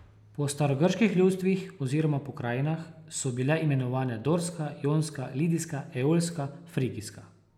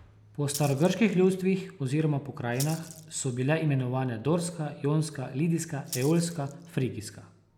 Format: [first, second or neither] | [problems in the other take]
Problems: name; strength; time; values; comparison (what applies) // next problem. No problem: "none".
first | background sound (Rattle (instrument)); 16 dB below the speech